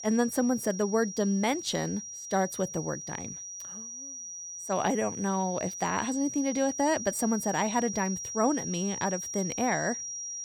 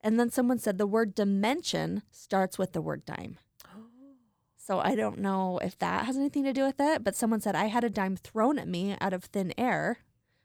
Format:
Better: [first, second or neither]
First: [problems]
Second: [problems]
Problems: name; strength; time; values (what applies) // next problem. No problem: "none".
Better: second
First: high-pitched whine; loud; throughout; 5.5 kHz, 7 dB below the speech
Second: none